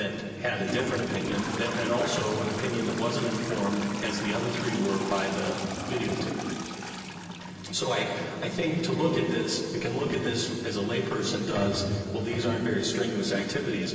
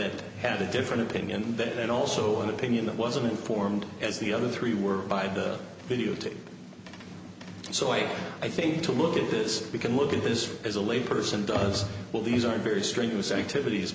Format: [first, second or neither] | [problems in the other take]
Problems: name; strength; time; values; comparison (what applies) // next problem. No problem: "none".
second | background sound (Trickle, dribble / Toilet flush); 10 dB below the speech // room echo; dies away in 2.6 s